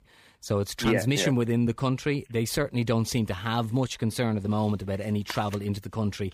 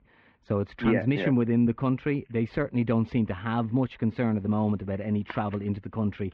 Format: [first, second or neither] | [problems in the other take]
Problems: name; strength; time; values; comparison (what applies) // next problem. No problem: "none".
first | muffled; very; fading above 2.5 kHz